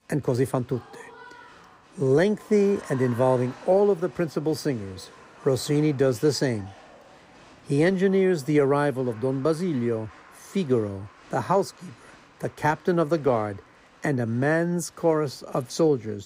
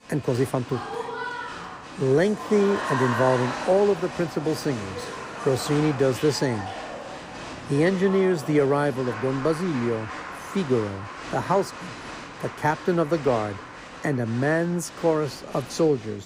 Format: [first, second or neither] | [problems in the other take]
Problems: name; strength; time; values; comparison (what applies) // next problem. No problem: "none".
first | crowd noise; loud; throughout; 10 dB below the speech; faint in the first